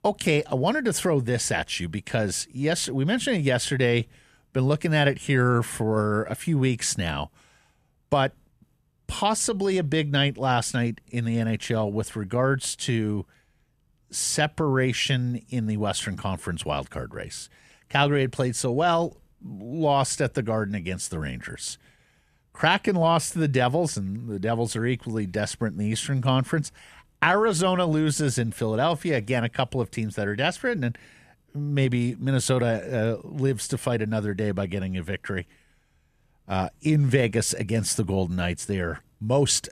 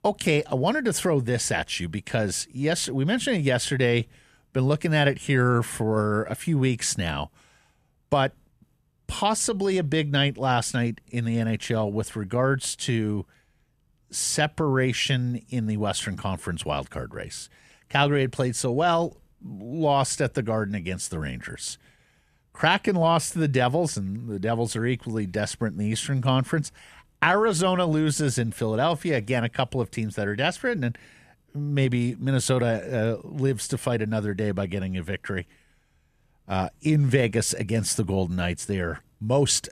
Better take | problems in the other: neither | none

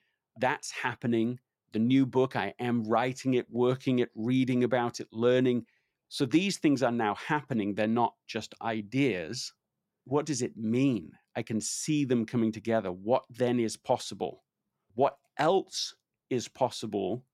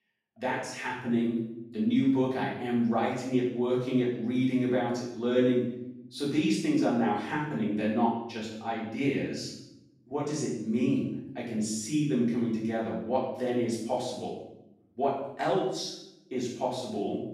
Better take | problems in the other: first | off-mic speech; far // room echo; noticeable; dies away in 0.7 s

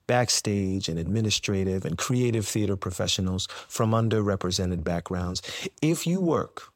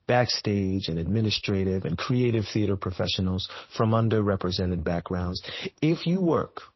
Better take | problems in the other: first | garbled, watery; slightly; nothing above 5.5 kHz

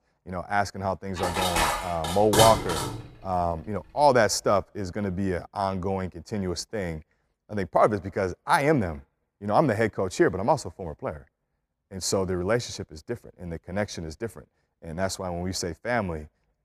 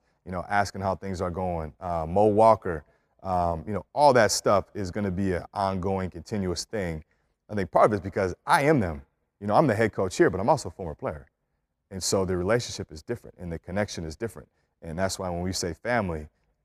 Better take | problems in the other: second | clattering dishes; loud; from 1 to 3 s; peak 4 dB above the speech

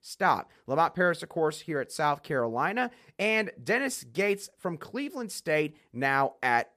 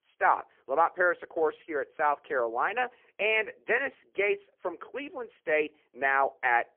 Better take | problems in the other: first | phone-call audio; poor line; nothing above 3 kHz

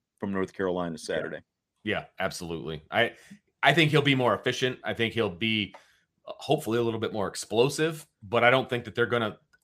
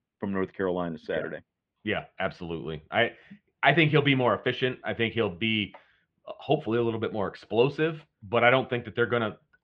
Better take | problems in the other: first | muffled; very; fading above 3 kHz

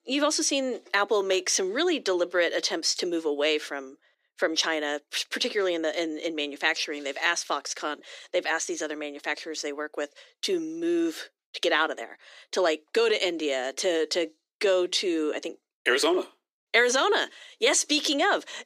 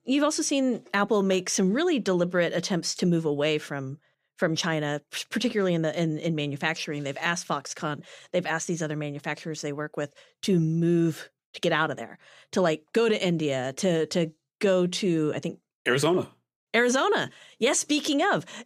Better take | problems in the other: second | thin; somewhat; fading below 300 Hz

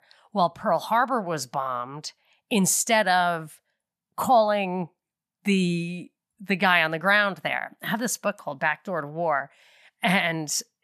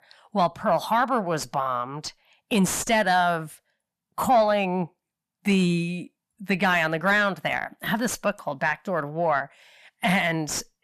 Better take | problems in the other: first | distortion; slight; 10 dB below the speech

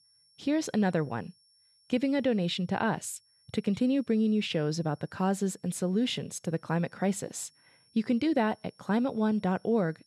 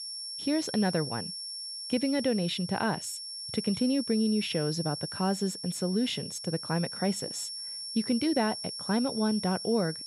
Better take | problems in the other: first | high-pitched whine; loud; throughout; 5.5 kHz, 6 dB below the speech; faint in the first

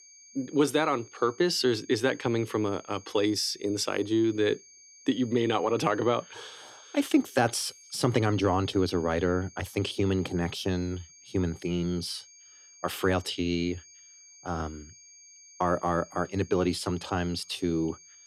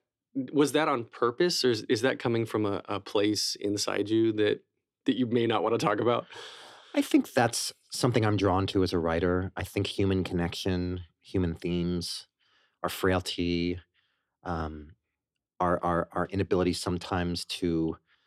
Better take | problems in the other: second | high-pitched whine; faint; throughout; 6.5 kHz, 20 dB below the speech

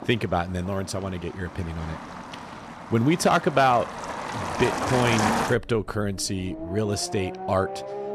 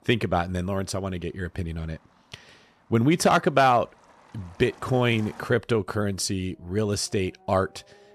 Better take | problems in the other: second | traffic noise; loud; throughout; 6 dB below the speech; faint in the second

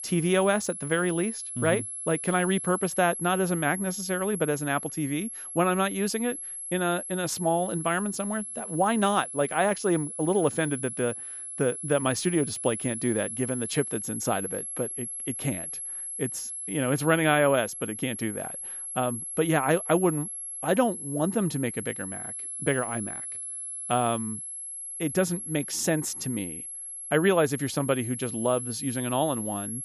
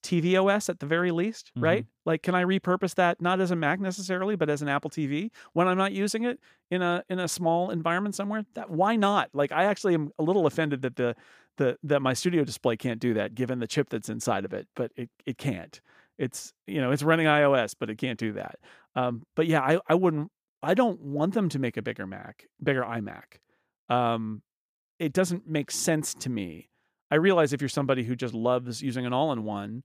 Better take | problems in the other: second | high-pitched whine; loud; throughout; 11 kHz, 6 dB below the speech

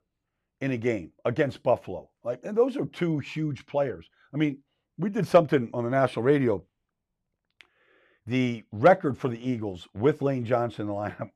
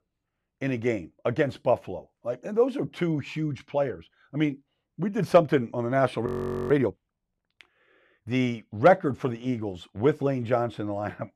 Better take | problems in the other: first | audio freezing; at 6.5 s

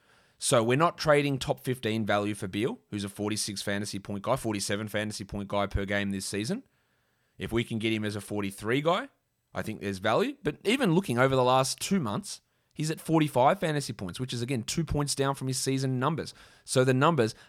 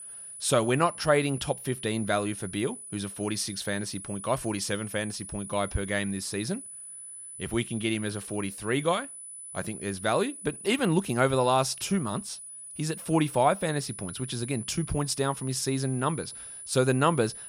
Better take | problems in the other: first | high-pitched whine; noticeable; throughout; 10 kHz, 10 dB below the speech

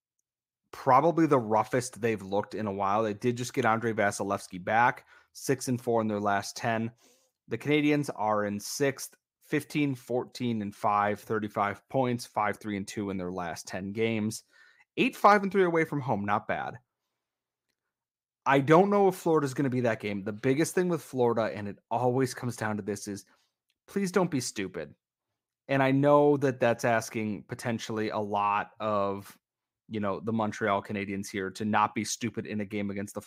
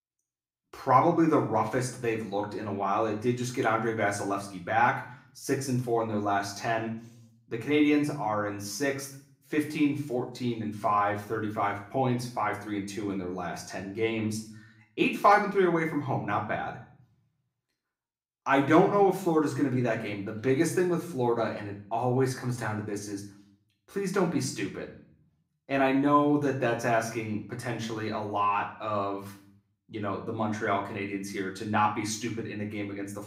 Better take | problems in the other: first | room echo; slight; dies away in 0.5 s // off-mic speech; far

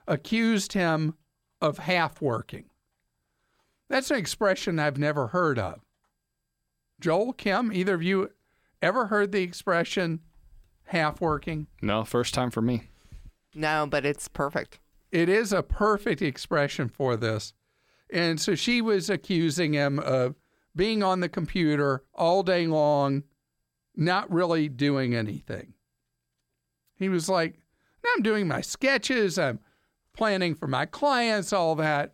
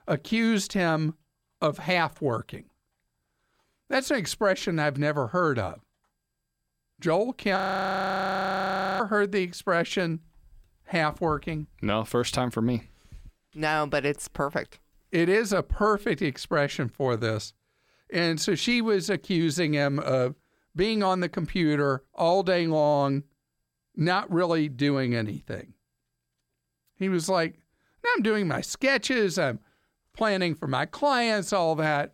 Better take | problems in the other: first | audio freezing; at 7.5 s for 1.5 s

